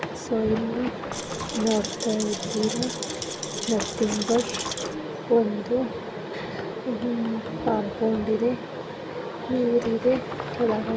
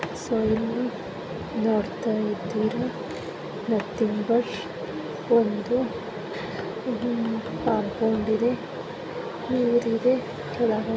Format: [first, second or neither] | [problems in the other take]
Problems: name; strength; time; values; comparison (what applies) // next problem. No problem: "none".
second | background sound (Rattle + Water / Splash, splatter); 8 dB below the speech